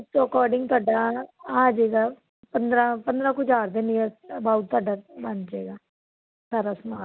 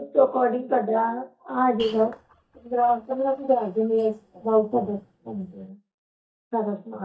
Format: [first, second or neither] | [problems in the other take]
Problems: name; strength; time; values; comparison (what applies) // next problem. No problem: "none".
first | noise reduction (neural mask model DeepFilterNet 3)